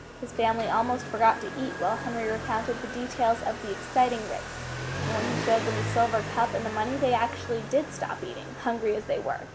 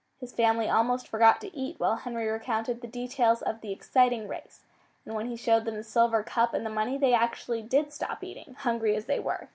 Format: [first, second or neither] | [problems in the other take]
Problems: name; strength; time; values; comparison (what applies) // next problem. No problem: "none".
second | background sound (Motorcycle); 7 dB below the speech